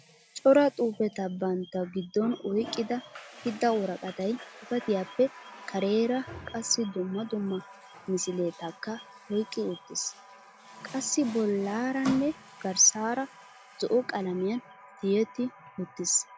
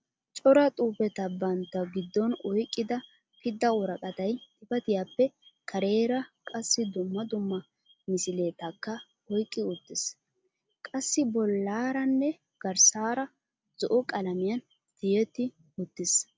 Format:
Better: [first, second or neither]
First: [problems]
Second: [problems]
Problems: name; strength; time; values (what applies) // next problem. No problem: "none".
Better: second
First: background sound (Water tap, faucet); 17 dB below the speech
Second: none